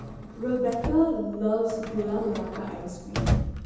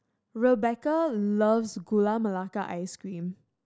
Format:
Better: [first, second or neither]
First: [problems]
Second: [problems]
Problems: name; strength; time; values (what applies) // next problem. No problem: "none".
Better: second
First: background sound (Drawer open or close); 4 dB below the speech // room echo; dies away in 1.1 s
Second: none